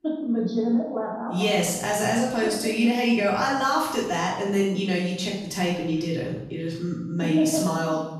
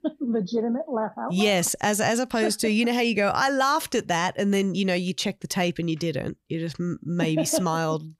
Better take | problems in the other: second | off-mic speech; far // room echo; noticeable; dies away in 0.8 s

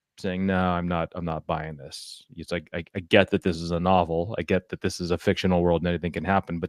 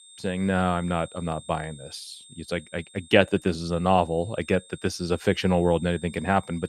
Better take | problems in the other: first | high-pitched whine; faint; throughout; 3.5 kHz, 20 dB below the speech

